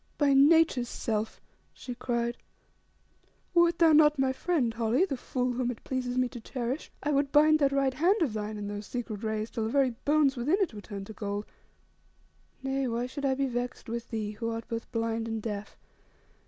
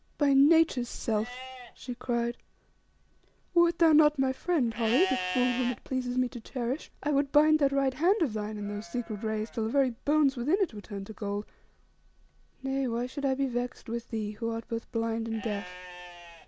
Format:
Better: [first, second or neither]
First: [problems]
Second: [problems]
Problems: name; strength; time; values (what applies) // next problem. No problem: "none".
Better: first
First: none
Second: background sound (Livestock, farm animals, working animals); 16 dB below the speech